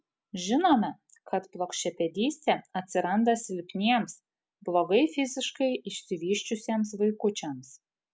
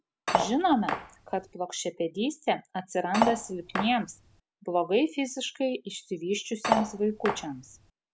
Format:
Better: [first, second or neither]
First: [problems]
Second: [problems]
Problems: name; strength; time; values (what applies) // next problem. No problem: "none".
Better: first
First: none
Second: background sound (Cutlery, silverware); 2 dB below the speech